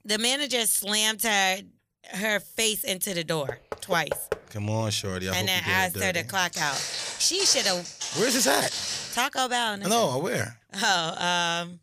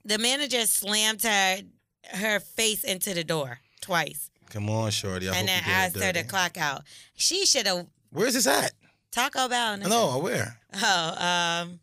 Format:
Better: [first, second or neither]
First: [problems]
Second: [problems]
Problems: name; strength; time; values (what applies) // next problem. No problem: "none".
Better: second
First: door banging; noticeable; at 3.5 s; peak 8 dB below the speech // footsteps; noticeable; from 6.5 to 9 s; peak 3 dB below the speech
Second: none